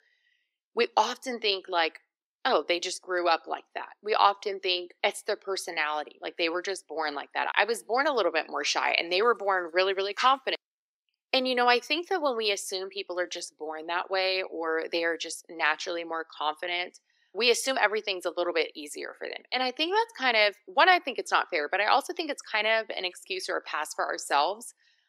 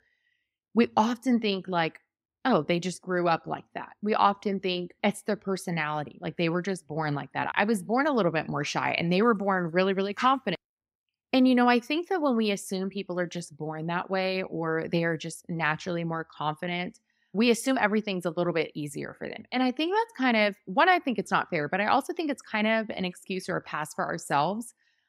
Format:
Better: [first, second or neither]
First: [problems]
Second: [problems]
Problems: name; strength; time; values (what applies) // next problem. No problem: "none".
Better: second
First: thin; very; fading below 350 Hz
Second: none